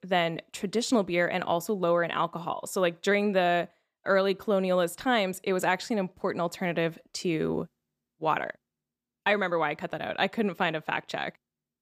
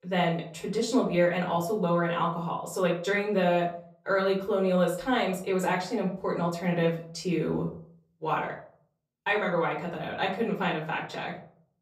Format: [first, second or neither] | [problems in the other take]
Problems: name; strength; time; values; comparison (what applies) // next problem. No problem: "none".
first | off-mic speech; far // room echo; slight; dies away in 0.5 s